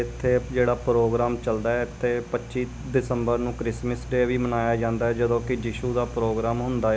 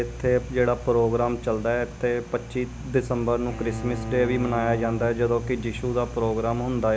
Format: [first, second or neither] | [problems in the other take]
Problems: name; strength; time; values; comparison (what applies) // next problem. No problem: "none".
first | background sound (Bowed string instrument); 12 dB below the speech